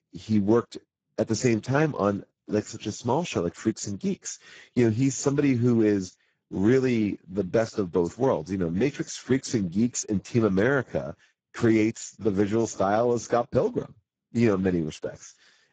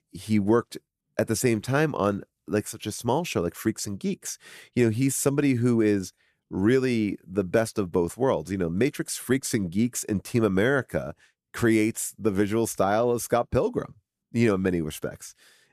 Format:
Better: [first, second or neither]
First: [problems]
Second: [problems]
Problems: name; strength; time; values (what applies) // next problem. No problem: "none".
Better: second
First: garbled, watery; badly; nothing above 7.5 kHz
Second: none